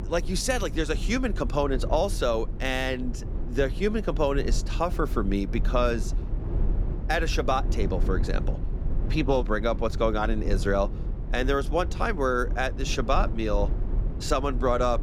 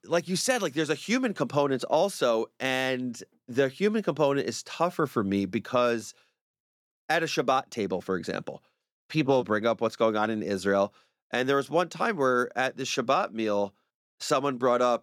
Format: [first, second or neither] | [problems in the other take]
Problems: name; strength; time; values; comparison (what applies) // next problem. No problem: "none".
second | low rumble; noticeable; throughout; 15 dB below the speech